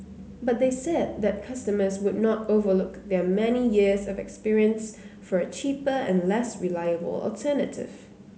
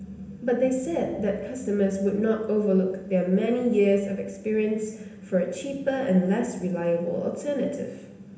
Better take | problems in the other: first | room echo; dies away in 0.8 s

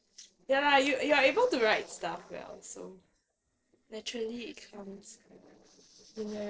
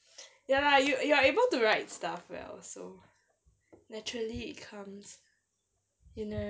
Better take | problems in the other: second | noise reduction (neural separator model SepFormer DNS4)

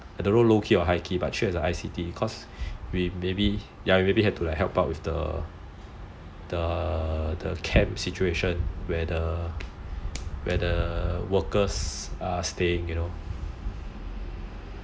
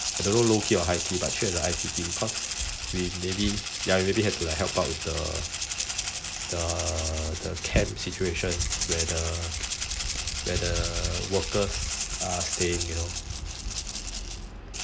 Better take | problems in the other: first | background sound (Rattle (instrument)); 3 dB below the speech

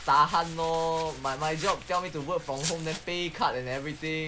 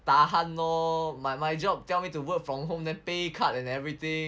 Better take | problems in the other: second | background sound (Domestic sounds, home sounds); 12 dB below the speech

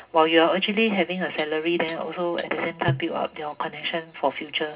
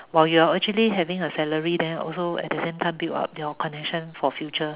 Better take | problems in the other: second | background sound (Hi-hat); 10 dB below the speech // room echo; dies away in 0.2 s

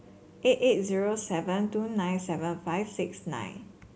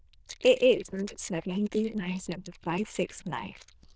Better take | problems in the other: first | noise reduction (neural diffusion model UNIVERSE++)

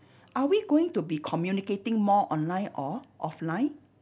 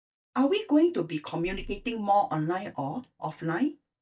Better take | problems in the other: first | noise reduction (neural mask model DeepFilterNet 3)

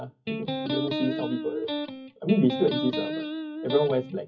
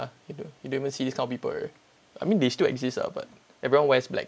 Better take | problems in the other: second | noise reduction (classical method WPE with log-MMSE)

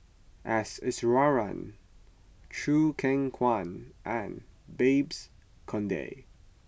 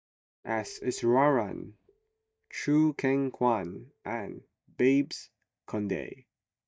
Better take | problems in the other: first | noise reduction (neural mask model DeepFilterNet 3)

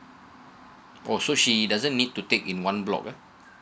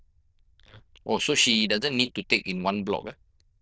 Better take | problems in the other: first | noise reduction (neural diffusion model UNIVERSE++)

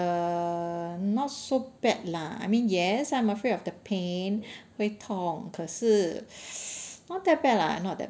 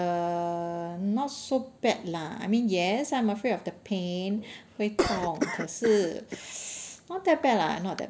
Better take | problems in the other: first | background sound (Cough); 7 dB below the speech

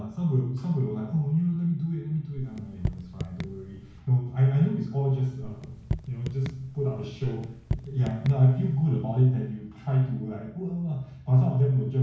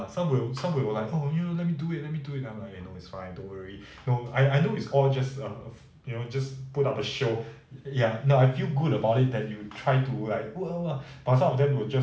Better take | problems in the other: second | background sound (Raindrop / Drip); 10 dB below the speech // room echo; dies away in 0.6 s

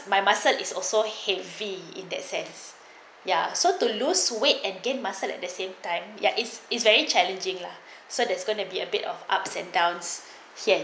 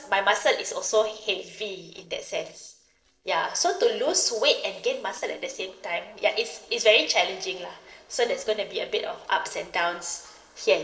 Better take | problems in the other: first | noise reduction (neural separator model SepFormer DNS4)

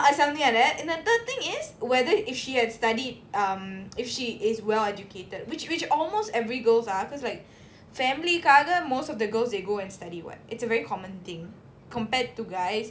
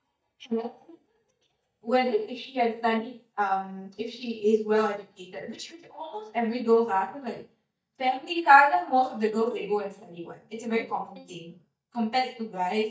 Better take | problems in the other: first | noise reduction (neural mask model DeepFilterNet 3)

